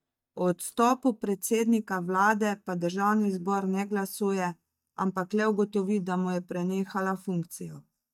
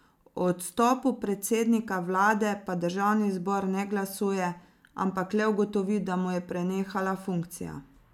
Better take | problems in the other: second | noise reduction (neural mask model DeepFilterNet 3)

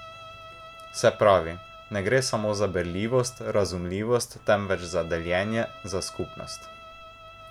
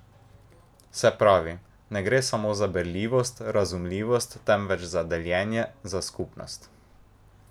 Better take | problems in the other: second | background sound (Bowed string instrument); 19 dB below the speech

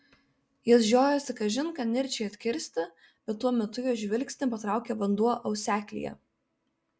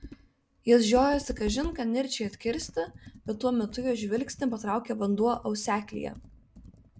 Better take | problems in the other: first | background sound (Computer keyboard); 16 dB below the speech

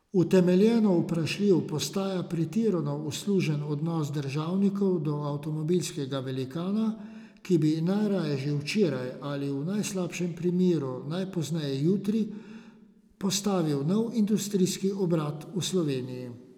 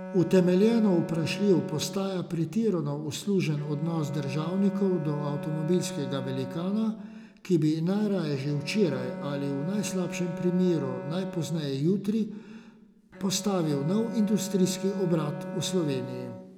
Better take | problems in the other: first | background sound (Bowed string instrument); 11 dB below the speech

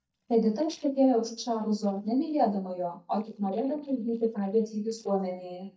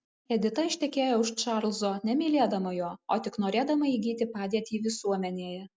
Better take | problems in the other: second | noise reduction (neural mask model DeepFilterNet 3)

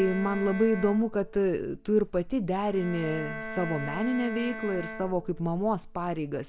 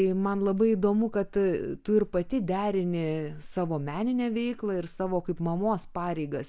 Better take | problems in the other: second | background sound (Bowed string instrument); 12 dB below the speech

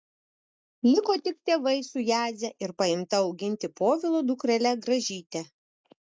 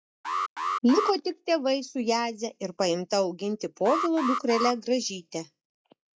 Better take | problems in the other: first | noise reduction (classical method log-MMSE)

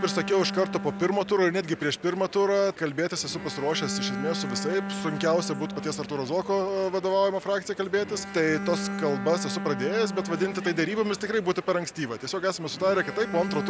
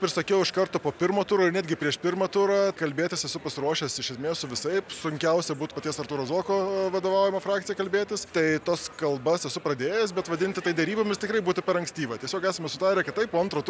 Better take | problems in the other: second | background sound (Bowed string instrument); 9 dB below the speech

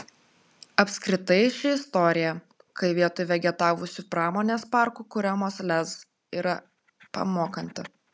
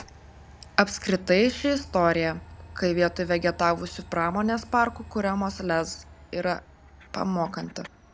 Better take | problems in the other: first | background sound (Train); 19 dB below the speech

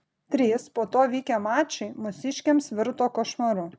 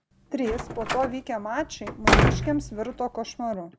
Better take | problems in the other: first | background sound (Slam); 3 dB above the speech

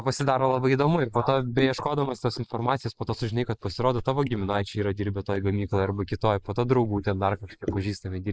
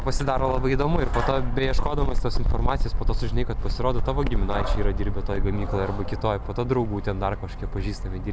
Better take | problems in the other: second | noise reduction (neural mask model Resemble Enhance denoiser)

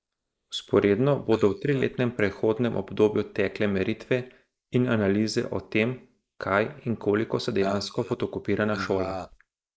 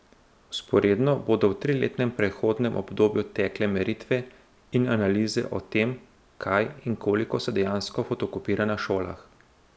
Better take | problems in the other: second | noise reduction (neural mask model Resemble Enhance denoiser)

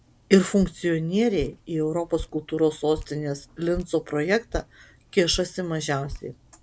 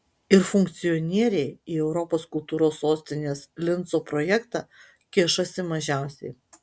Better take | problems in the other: second | background sound (Drip); 16 dB below the speech

